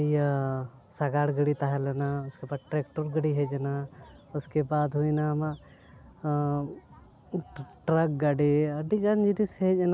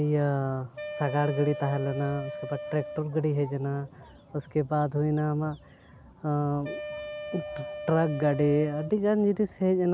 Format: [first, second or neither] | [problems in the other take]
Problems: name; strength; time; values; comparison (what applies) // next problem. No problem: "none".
first | background sound (Wind instrument, woodwind instrument); 11 dB below the speech